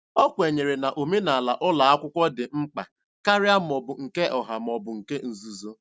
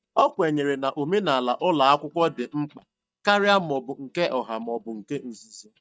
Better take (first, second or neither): first